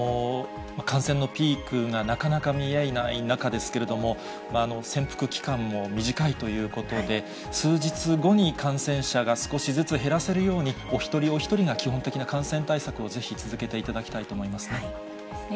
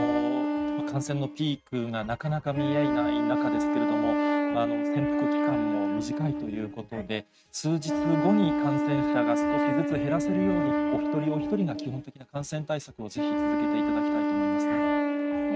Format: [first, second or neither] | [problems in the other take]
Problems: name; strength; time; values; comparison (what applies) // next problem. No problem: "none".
first | noise reduction (neural mask model RNNoise)